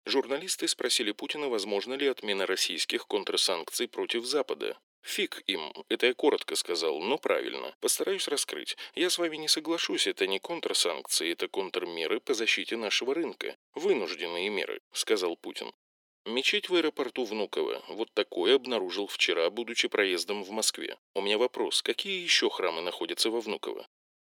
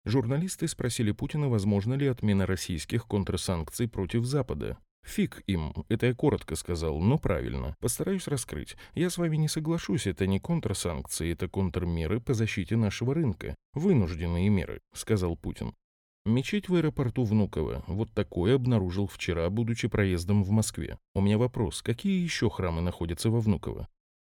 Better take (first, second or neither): second